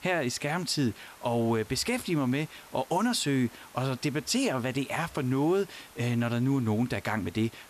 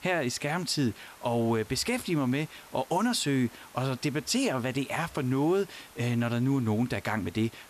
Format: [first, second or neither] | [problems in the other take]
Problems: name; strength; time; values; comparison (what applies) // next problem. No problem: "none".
neither | hiss; faint; throughout; 20 dB below the speech; the same in both